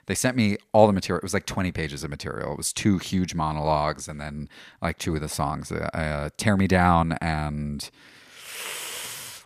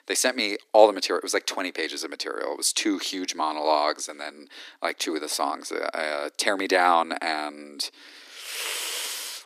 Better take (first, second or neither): first